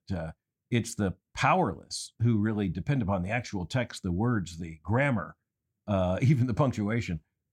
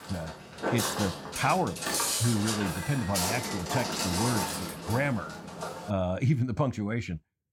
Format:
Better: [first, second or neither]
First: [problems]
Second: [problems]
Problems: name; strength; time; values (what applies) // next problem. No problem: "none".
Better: first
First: none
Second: footsteps; loud; until 6 s; peak 4 dB above the speech